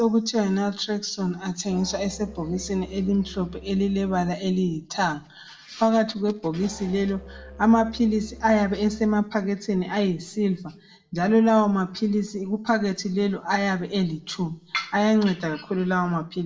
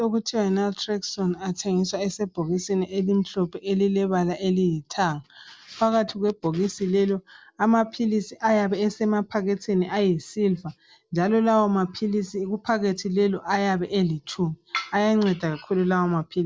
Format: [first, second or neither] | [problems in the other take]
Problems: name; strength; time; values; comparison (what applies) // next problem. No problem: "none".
second | background sound (Musical instrument); 20 dB below the speech // room echo; dies away in 0.4 s